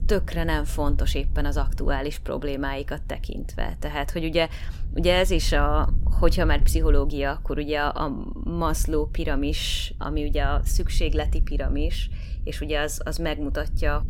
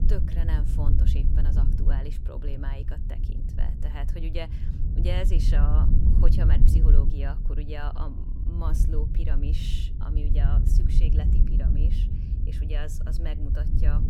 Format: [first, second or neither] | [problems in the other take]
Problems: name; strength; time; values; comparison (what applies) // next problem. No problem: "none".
first | low rumble; loud; throughout; 2 dB below the speech; faint in the first